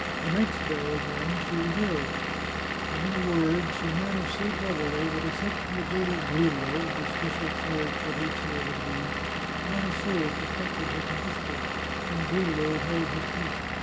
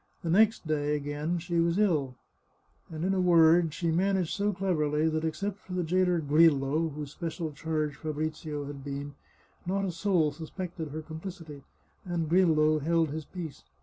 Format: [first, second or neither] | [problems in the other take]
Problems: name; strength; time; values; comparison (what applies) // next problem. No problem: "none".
second | background sound (Engine / Vehicle); as loud as the speech